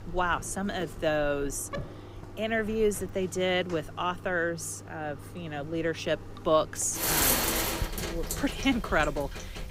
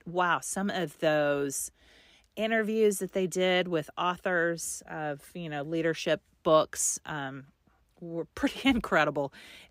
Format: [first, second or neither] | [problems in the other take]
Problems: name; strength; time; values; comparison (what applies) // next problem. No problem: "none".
second | household noises; loud; throughout; 1 dB below the speech